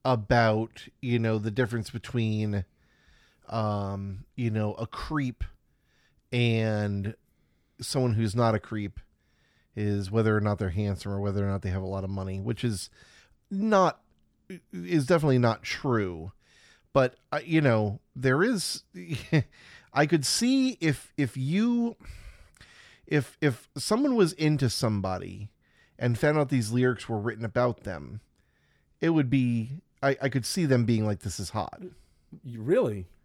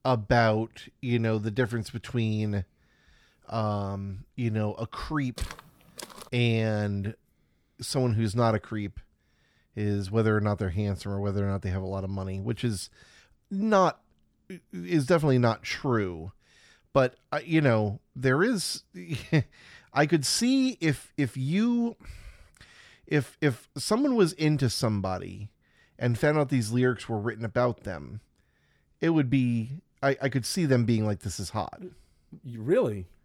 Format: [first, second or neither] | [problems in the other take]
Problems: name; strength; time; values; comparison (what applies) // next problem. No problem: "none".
first | footsteps; faint; at 5.5 s; peak 15 dB below the speech